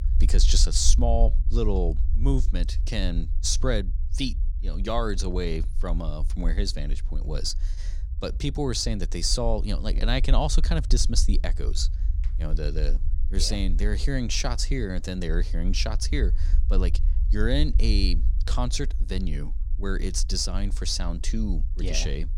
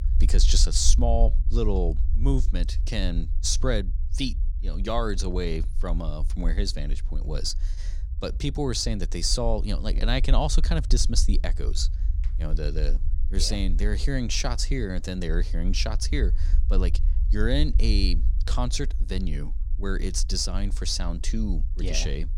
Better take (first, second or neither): neither